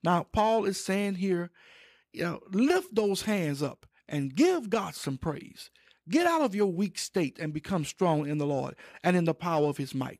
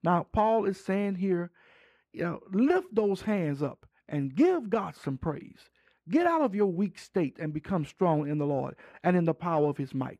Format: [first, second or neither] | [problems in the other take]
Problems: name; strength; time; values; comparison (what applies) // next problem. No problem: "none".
first | muffled; slightly; fading above 3 kHz